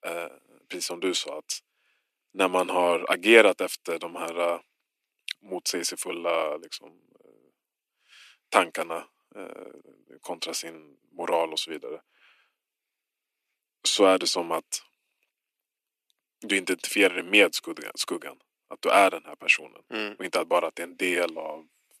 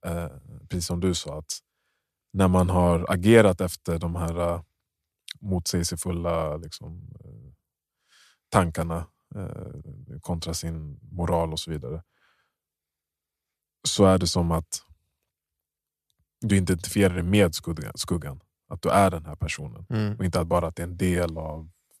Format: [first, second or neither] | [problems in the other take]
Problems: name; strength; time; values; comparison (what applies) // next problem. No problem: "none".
second | thin; somewhat; fading below 300 Hz